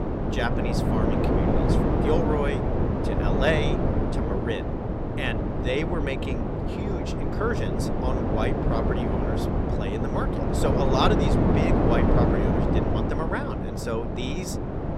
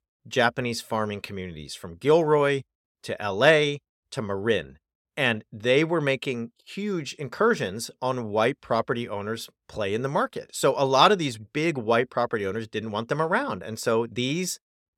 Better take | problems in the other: second | wind noise on the microphone; heavy; 1 dB above the speech

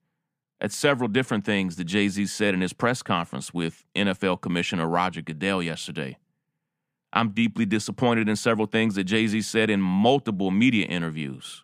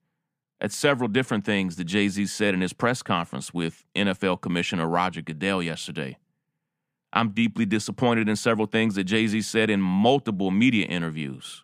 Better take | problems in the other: neither | none

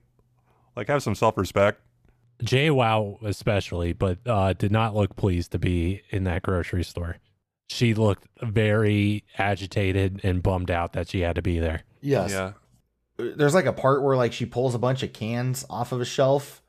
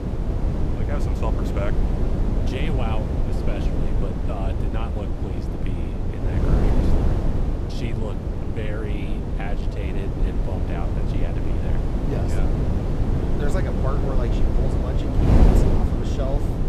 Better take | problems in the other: first | wind noise on the microphone; heavy; 3 dB above the speech

